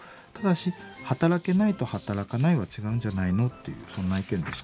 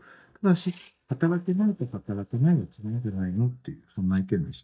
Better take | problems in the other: first | noise reduction (neural mask model DeepFilterNet 3)

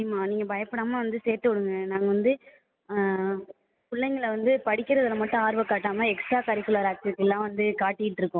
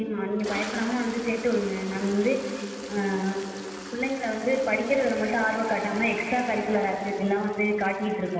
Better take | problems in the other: first | background sound (Toilet flush); 13 dB below the speech // room echo; dies away in 2.5 s

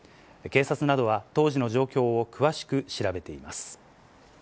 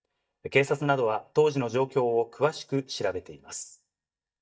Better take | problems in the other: first | noise reduction (neural mask model DeepFilterNet 3)

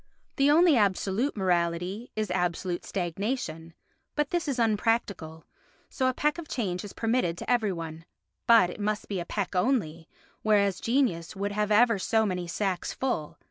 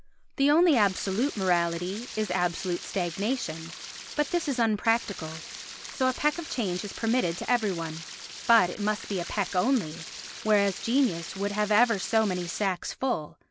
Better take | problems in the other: first | background sound (Stream); 13 dB below the speech

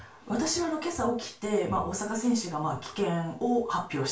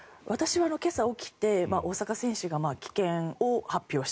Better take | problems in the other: second | room echo; dies away in 0.3 s

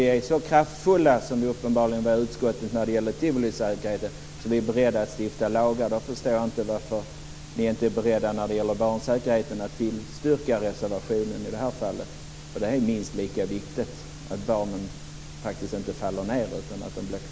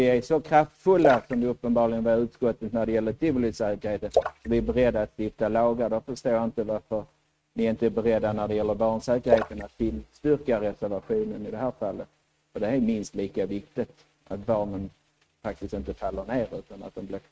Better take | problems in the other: first | noise reduction (neural mask model RNNoise)

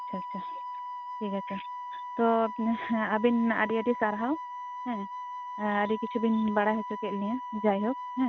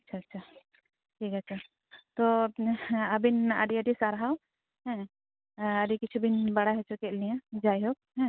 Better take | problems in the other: second | background sound (Wind instrument, woodwind instrument); 8 dB below the speech

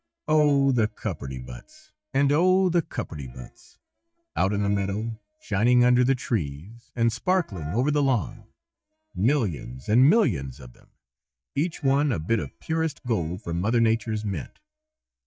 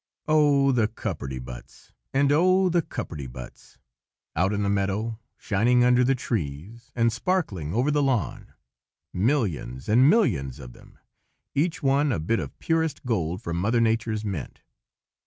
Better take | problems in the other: second | noise reduction (neural mask model DeepFilterNet 3)

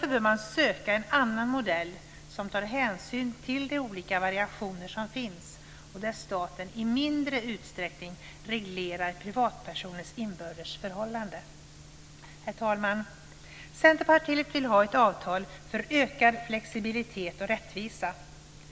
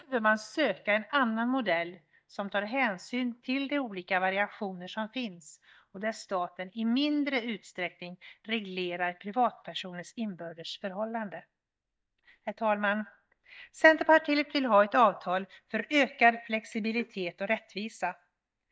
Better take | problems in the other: first | noise reduction (neural mask model DeepFilterNet 3)

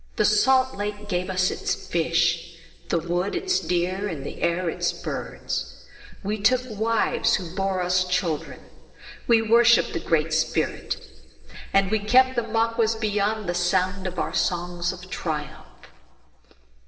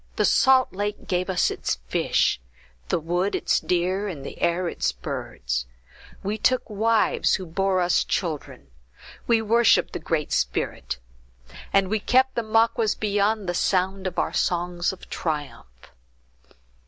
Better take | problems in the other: second | room echo; dies away in 2.9 s

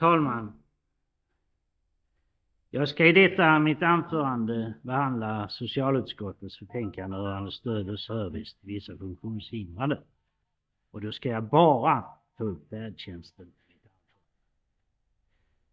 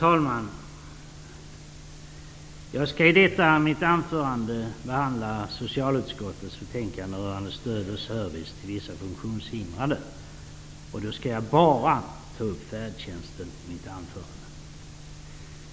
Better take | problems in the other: second | noise reduction (neural mask model DeepFilterNet 3)

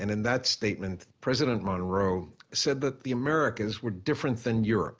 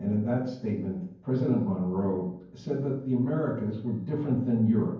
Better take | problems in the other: first | room echo; dies away in 0.9 s

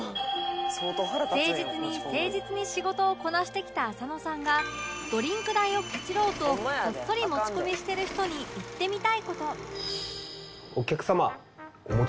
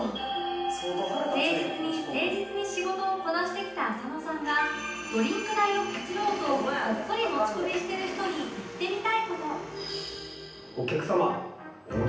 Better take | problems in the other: first | room echo; dies away in 0.9 s

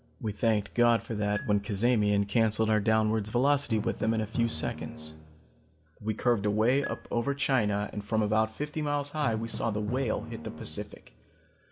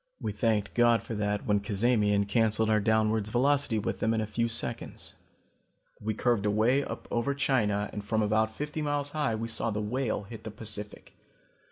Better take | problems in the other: second | background sound (Marimba, xylophone + Drum); 15 dB below the speech

